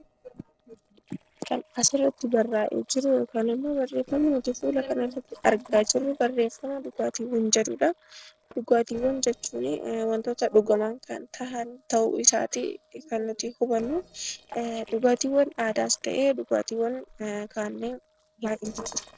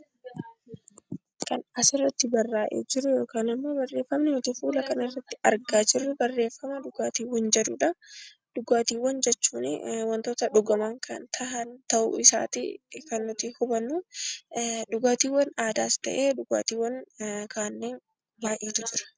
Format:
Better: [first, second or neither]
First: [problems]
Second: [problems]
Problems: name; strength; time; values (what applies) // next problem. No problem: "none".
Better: second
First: noise reduction (neural separator model SepFormer DNS4)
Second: none